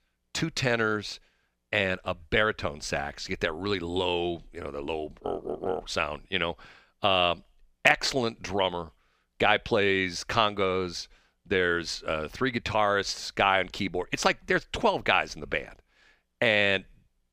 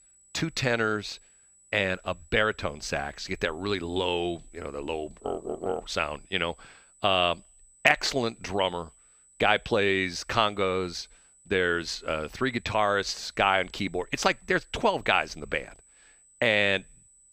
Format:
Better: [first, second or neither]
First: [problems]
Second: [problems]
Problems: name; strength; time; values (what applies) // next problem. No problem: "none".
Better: first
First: none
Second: high-pitched whine; faint; throughout; 8 kHz, 30 dB below the speech